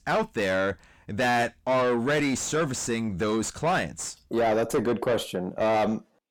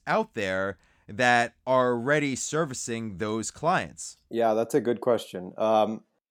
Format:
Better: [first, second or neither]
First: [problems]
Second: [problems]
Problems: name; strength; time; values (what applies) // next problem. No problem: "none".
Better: second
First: distortion; heavy; 6 dB below the speech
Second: none